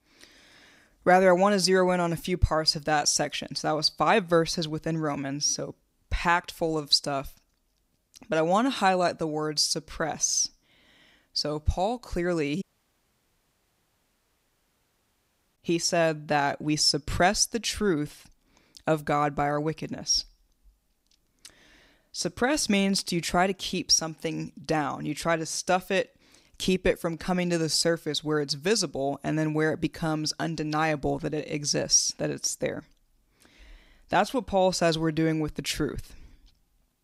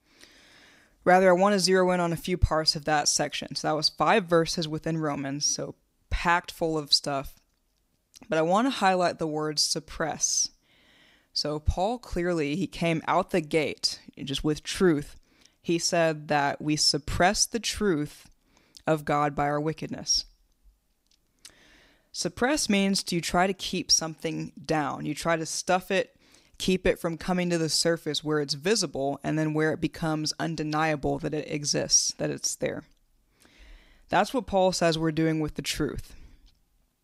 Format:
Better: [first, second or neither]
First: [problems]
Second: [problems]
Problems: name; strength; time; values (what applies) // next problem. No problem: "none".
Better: second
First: audio cutting out; at 13 s for 3 s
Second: none